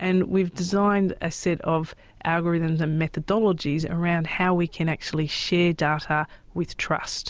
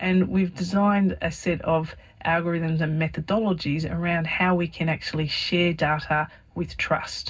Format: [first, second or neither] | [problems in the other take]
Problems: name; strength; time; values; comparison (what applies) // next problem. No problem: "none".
first | room echo; dies away in 0.4 s